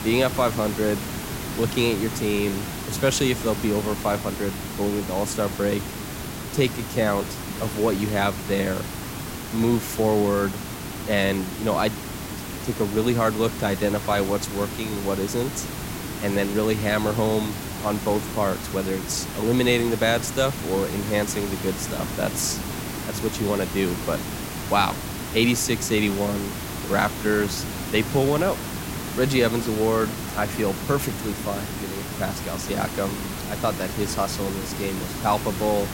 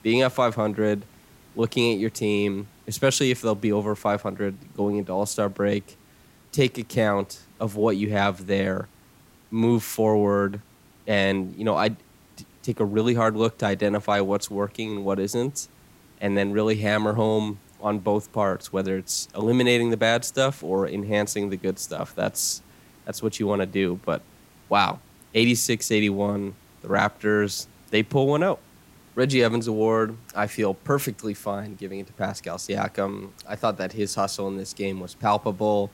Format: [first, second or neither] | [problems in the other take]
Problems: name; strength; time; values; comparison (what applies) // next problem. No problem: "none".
second | hiss; loud; throughout; 6 dB below the speech; faint in the second